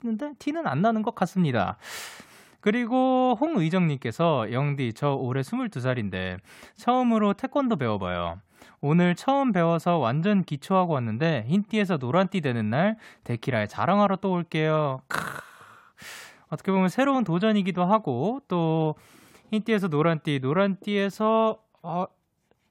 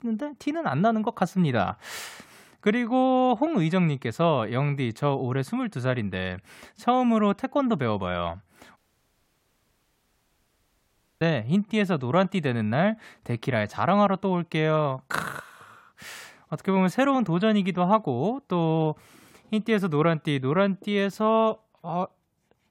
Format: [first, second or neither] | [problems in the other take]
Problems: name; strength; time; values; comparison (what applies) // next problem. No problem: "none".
first | audio cutting out; at 9 s for 2.5 s